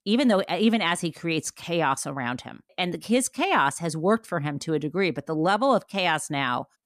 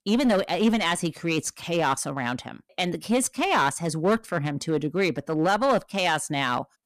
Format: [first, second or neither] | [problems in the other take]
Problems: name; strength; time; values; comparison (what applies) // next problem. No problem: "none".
first | distortion; slight; 6% of the sound clipped